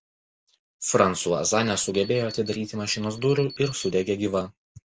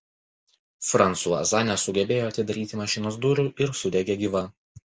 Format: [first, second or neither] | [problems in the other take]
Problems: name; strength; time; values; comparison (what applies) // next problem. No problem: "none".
second | background sound (Alarm); 19 dB below the speech